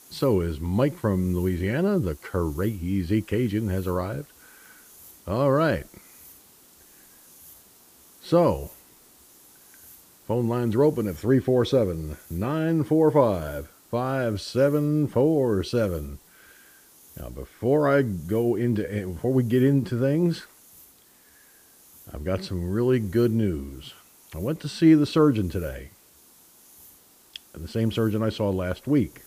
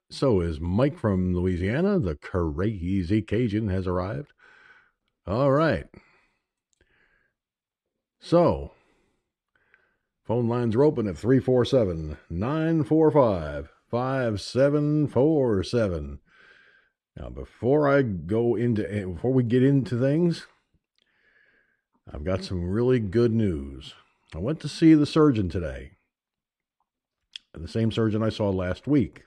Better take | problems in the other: second | hiss; faint; throughout; 25 dB below the speech

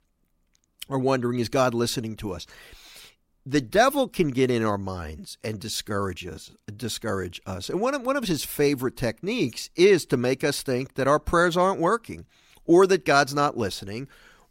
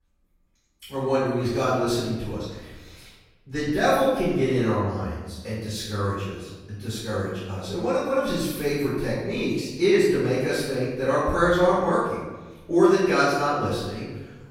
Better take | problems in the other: first | room echo; strong; dies away in 1.1 s // off-mic speech; far

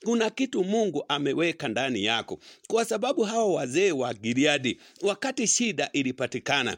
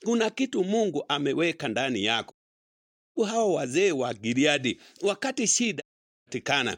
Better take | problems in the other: first | audio cutting out; at 2.5 s for 1 s and at 6 s

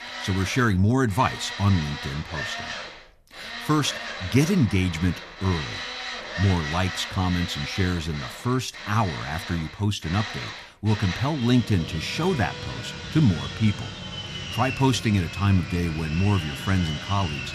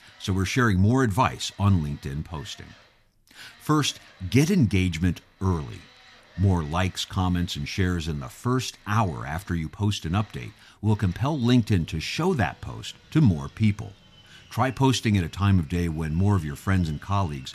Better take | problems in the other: second | machinery noise; loud; throughout; 8 dB below the speech; faint in the second

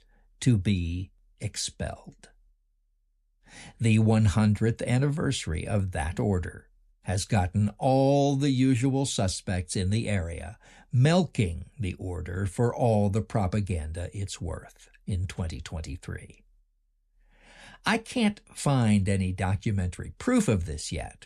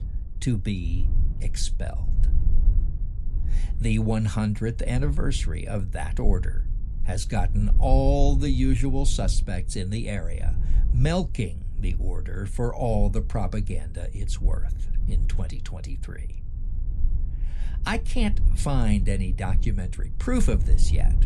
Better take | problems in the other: first | low rumble; noticeable; throughout; 15 dB below the speech

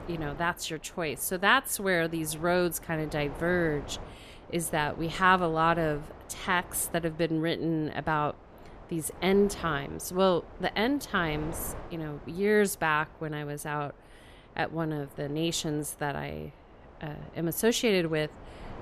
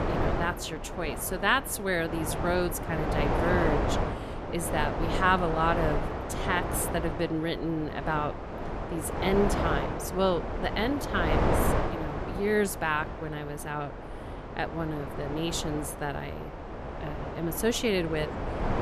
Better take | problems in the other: first | wind noise on the microphone; heavy; 4 dB below the speech; occasional gusts in the first

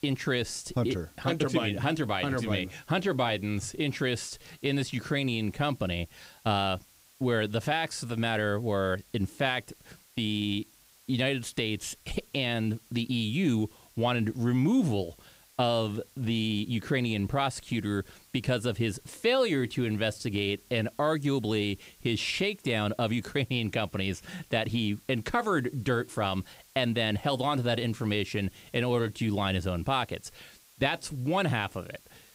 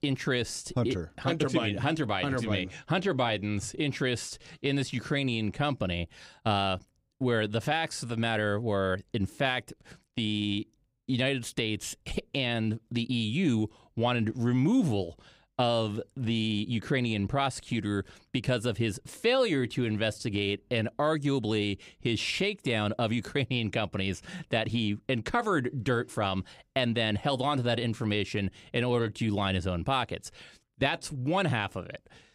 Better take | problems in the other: second | hiss; faint; throughout; 25 dB below the speech

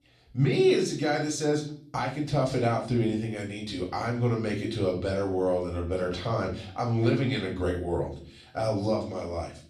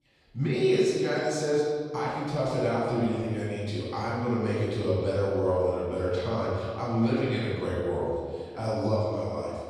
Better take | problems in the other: first | room echo; strong; dies away in 1.7 s; slight in the first // off-mic speech; far; far in the first

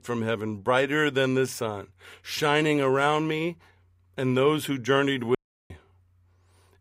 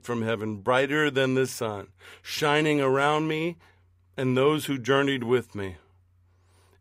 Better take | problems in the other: second | audio cutting out; at 5.5 s

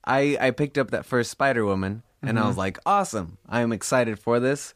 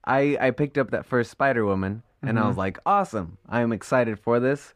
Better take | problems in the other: first | muffled; slightly; fading above 3.5 kHz

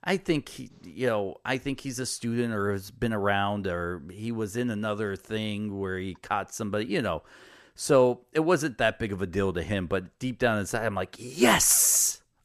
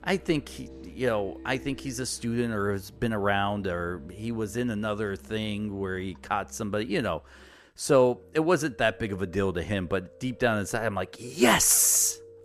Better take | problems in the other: first | background music; faint; throughout; 25 dB below the speech

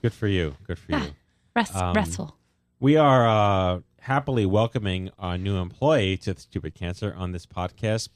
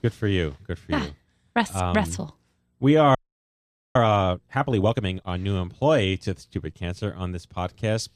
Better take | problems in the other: first | audio freezing; at 3 s for 1 s

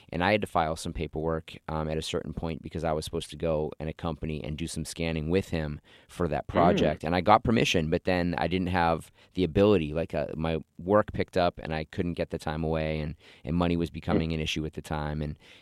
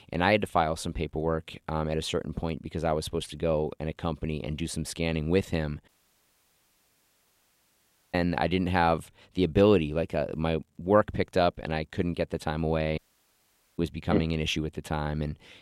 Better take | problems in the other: first | audio cutting out; at 6 s for 2.5 s and at 13 s for 1 s

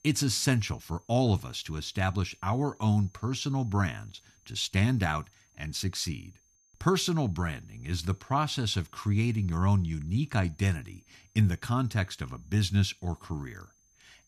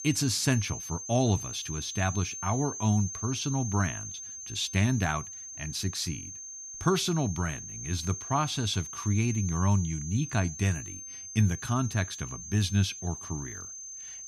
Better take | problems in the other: first | high-pitched whine; loud; throughout; 6.5 kHz, 8 dB below the speech; faint in the first

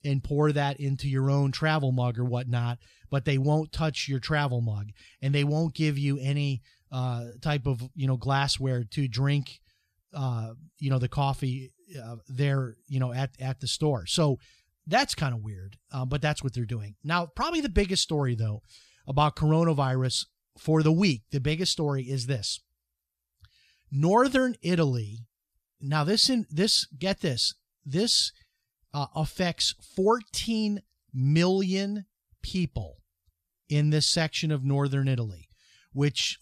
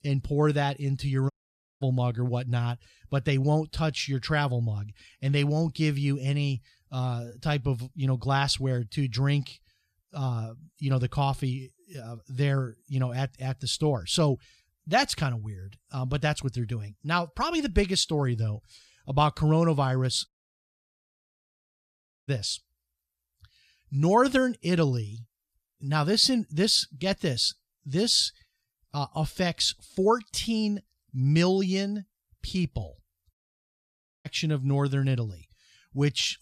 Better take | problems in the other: first | audio cutting out; at 1.5 s for 0.5 s, at 20 s for 2 s and at 33 s for 1 s

